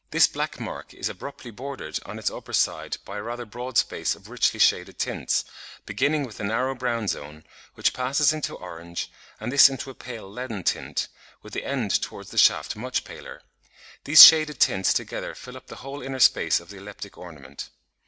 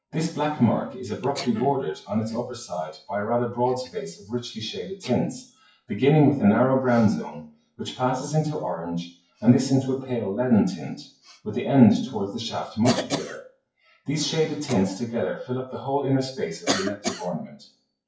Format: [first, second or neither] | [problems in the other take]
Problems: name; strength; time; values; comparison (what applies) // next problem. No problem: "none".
first | noise reduction (classical method WPE with log-MMSE)